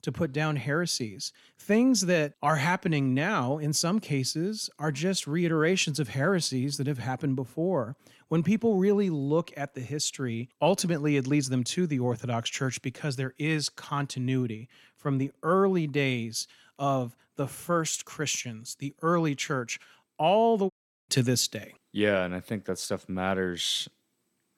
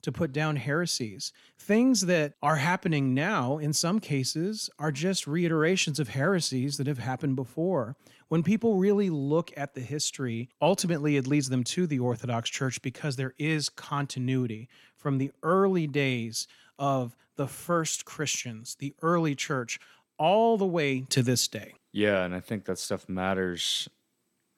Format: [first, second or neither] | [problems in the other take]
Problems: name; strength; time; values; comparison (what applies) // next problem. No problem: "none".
second | audio cutting out; at 21 s